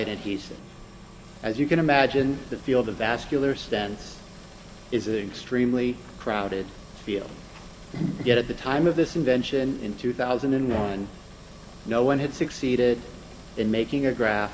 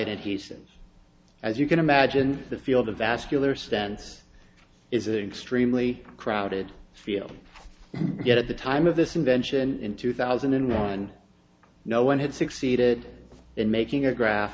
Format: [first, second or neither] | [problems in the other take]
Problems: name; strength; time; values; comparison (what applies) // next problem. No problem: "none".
second | background sound (Engine); 18 dB below the speech